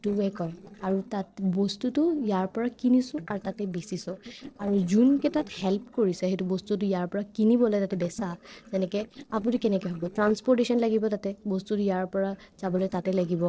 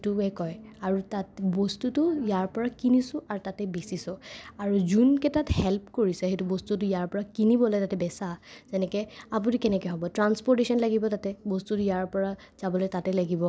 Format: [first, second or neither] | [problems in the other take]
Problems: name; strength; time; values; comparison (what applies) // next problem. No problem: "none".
second | noise reduction (neural separator model SepFormer DNS4)